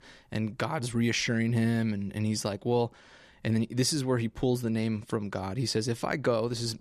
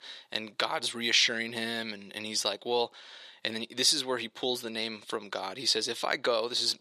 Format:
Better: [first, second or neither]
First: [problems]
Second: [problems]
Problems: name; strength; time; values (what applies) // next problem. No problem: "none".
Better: first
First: none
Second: thin; somewhat; fading below 500 Hz